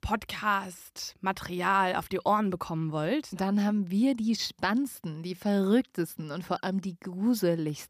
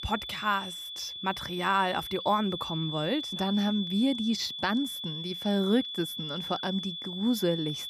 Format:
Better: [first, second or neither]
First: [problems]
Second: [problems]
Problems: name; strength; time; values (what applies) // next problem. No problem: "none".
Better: first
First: none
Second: high-pitched whine; loud; throughout; 3.5 kHz, 6 dB below the speech